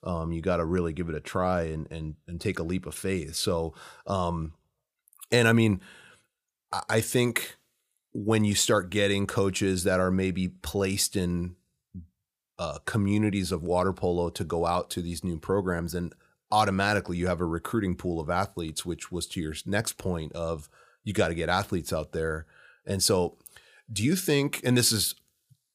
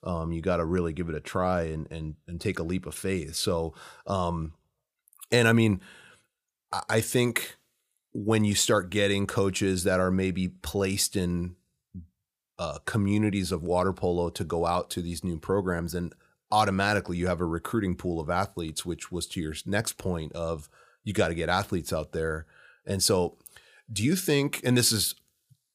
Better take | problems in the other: neither | none

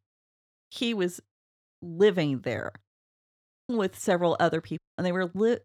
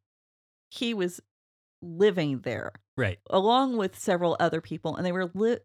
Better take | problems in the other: second | audio cutting out; at 3 s for 1 s and at 5 s

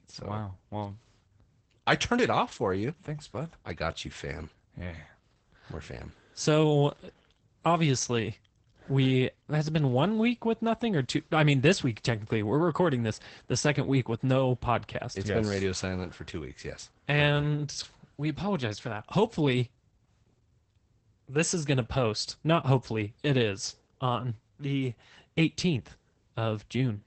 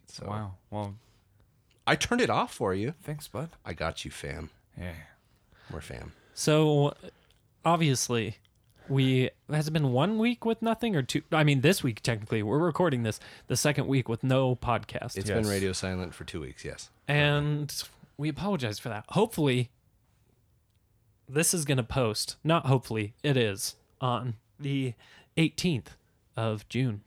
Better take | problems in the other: second | garbled, watery; badly; nothing above 8 kHz

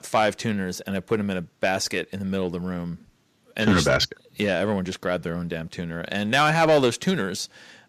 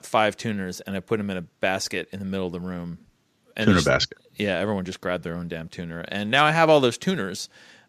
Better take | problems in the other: second | distortion; slight; 10 dB below the speech

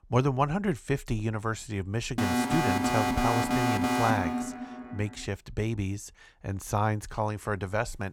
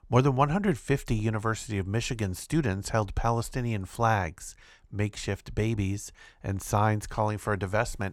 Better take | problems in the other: second | alarm; loud; from 2 to 5 s; peak 4 dB above the speech

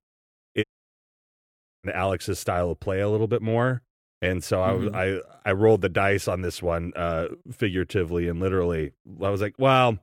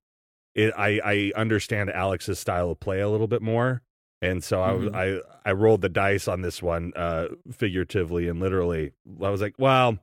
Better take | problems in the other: second | audio cutting out; at 0.5 s for 1 s

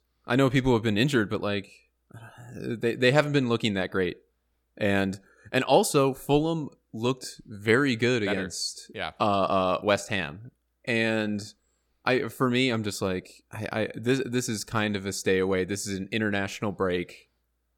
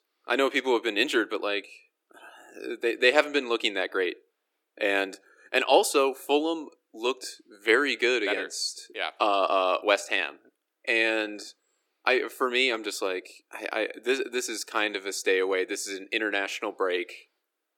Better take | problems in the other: first | thin; somewhat; fading below 300 Hz

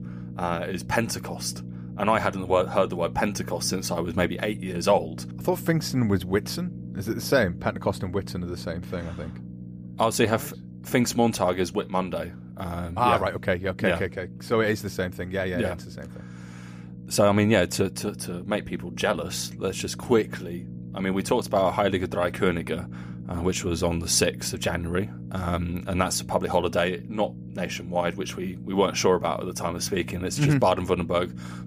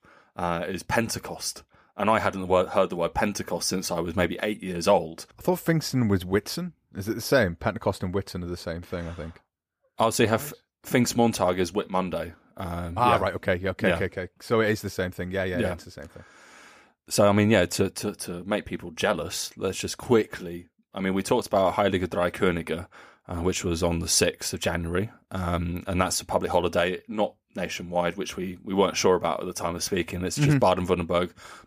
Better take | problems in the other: second | low rumble; faint; throughout; 20 dB below the speech

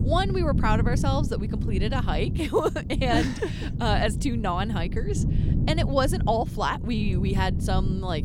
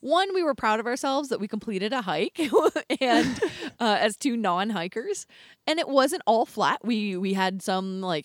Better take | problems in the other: second | wind noise on the microphone; occasional gusts; 10 dB below the speech

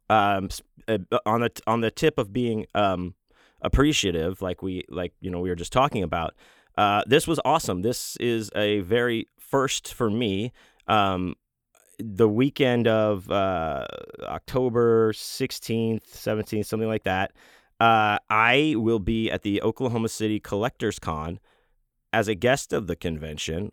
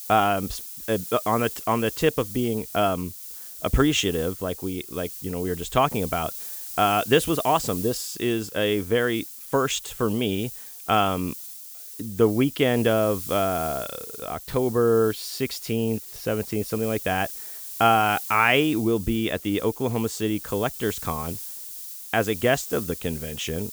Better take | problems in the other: first | hiss; noticeable; throughout; 10 dB below the speech

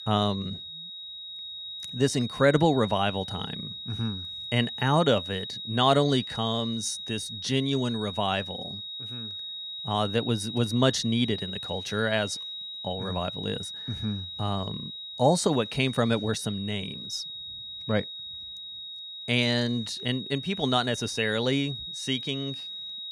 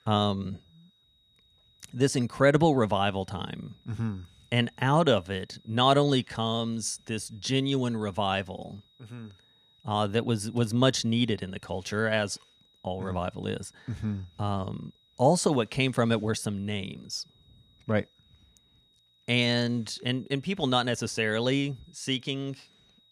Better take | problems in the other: second | high-pitched whine; loud; throughout; 4 kHz, 8 dB below the speech; faint in the second

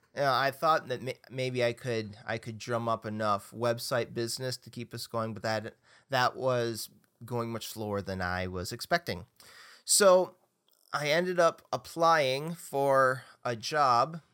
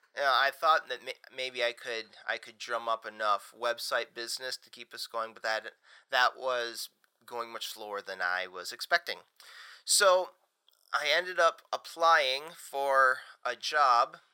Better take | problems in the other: first | thin; very; fading below 650 Hz

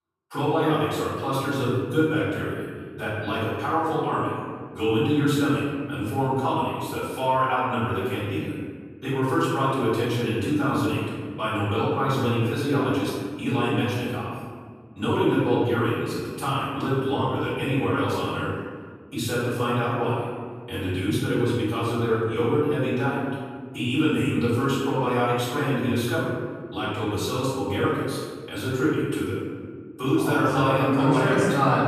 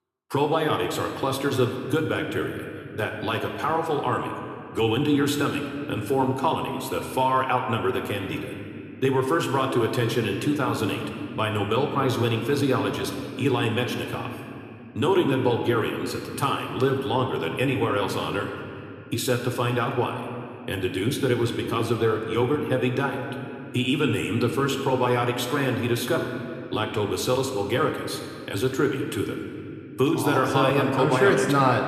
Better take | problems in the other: second | room echo; strong; dies away in 1.6 s; slight in the second // off-mic speech; far

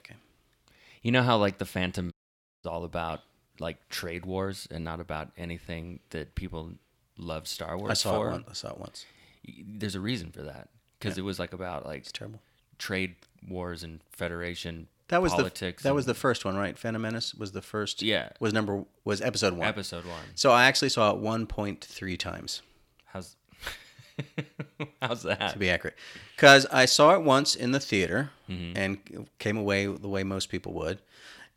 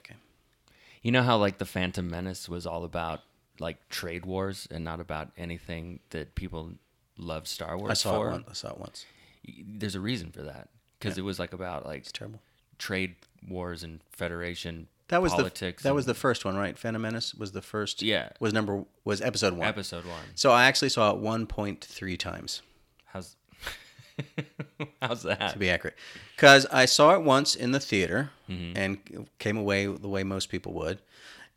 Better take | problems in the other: second | audio cutting out; at 2 s for 0.5 s

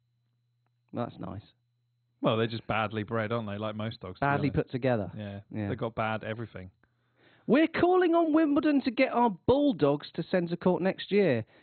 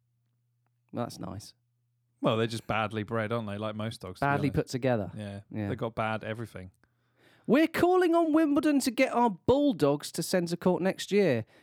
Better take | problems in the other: second | garbled, watery; badly; nothing above 4 kHz

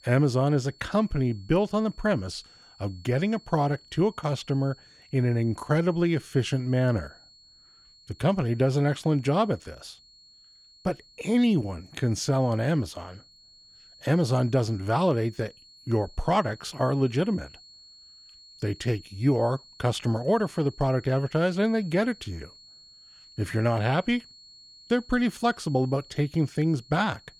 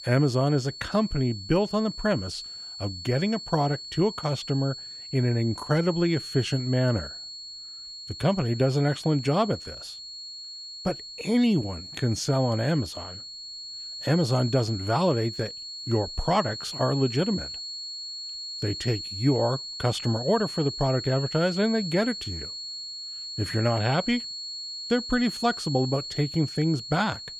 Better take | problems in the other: first | high-pitched whine; loud; throughout; 4.5 kHz, 9 dB below the speech; faint in the first

